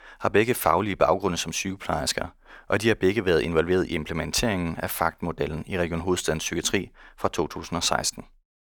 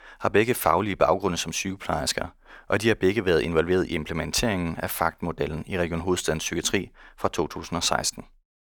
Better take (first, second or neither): neither